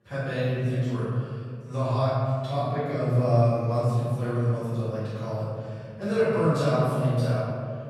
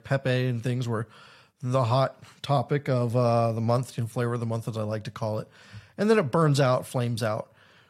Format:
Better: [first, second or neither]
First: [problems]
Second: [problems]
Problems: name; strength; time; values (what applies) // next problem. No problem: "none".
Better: second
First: off-mic speech; far // room echo; strong; dies away in 2.2 s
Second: none